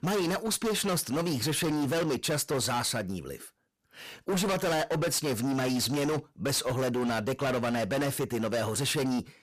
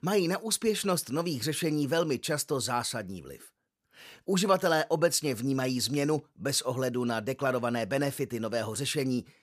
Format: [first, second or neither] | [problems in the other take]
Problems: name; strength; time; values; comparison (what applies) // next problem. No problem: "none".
second | distortion; heavy; 27% of the sound clipped